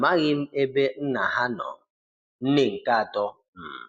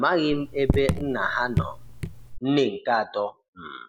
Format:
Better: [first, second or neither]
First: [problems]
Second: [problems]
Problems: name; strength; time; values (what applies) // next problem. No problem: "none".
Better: first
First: none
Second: background sound (Raindrop / Drip); 3 dB below the speech